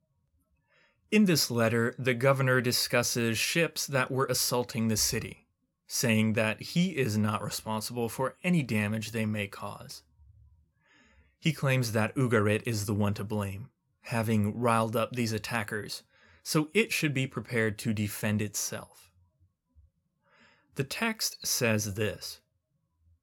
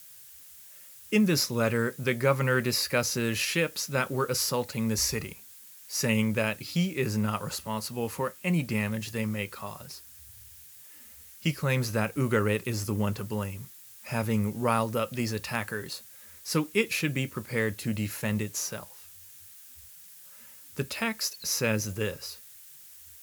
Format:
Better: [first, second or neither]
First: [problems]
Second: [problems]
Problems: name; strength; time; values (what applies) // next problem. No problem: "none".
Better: first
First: none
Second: hiss; noticeable; throughout; 20 dB below the speech